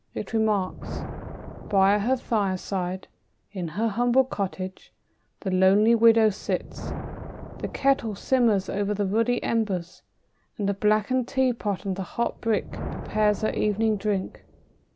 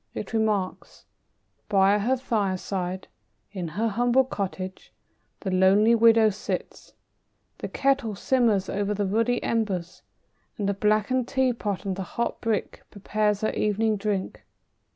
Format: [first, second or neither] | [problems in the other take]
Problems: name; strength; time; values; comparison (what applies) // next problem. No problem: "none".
second | background sound (Thunder); 15 dB below the speech